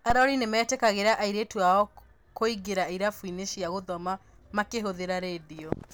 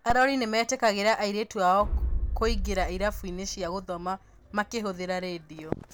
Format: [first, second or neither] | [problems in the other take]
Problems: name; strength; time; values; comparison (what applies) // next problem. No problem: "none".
first | background sound (Boom); 4 dB below the speech